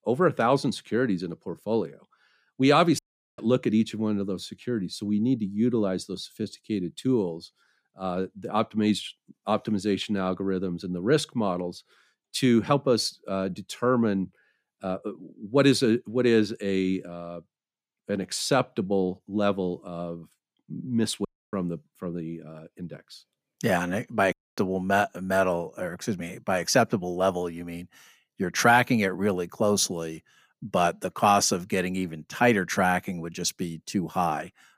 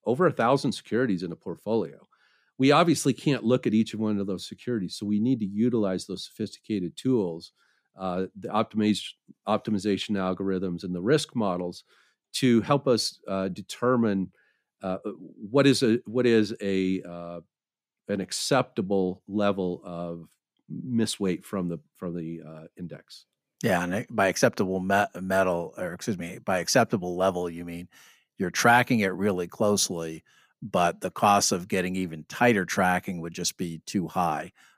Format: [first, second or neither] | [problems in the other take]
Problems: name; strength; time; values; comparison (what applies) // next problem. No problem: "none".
second | audio cutting out; at 3 s, at 21 s and at 24 s